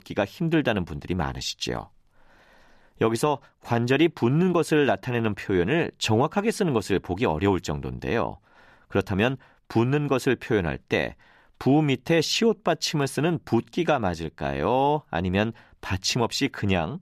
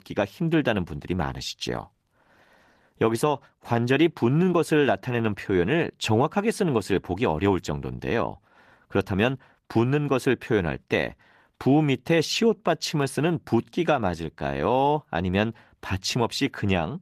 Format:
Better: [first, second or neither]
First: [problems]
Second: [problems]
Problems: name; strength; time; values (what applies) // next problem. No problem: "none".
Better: first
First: none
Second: garbled, watery; slightly; nothing above 14.5 kHz